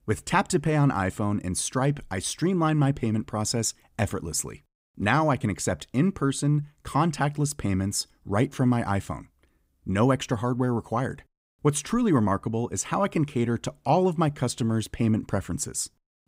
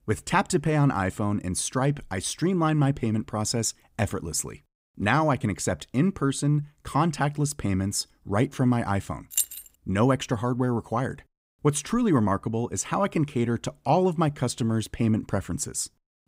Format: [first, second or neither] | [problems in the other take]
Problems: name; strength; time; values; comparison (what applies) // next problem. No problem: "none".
first | jangling keys; noticeable; at 9.5 s; peak level with the speech